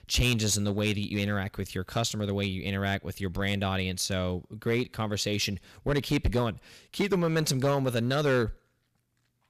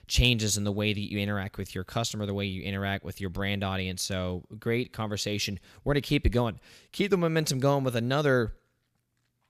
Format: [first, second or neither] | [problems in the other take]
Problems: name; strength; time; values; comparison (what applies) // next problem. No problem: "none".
second | distortion; slight; 4% of the sound clipped